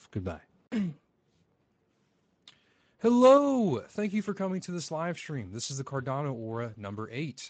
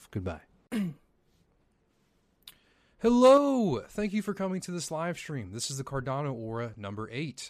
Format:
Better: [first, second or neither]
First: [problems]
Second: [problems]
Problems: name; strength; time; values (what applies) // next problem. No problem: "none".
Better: second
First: garbled, watery; slightly; nothing above 8 kHz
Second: none